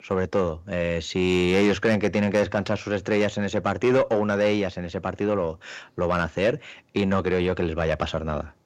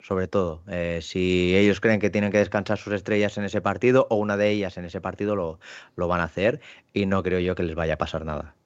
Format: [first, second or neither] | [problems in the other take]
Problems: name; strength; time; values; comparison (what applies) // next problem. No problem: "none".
second | distortion; slight; 10 dB below the speech